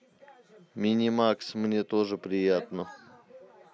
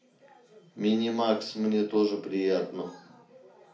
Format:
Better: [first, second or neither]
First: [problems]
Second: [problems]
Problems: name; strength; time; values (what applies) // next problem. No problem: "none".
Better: first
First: none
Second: room echo; dies away in 0.4 s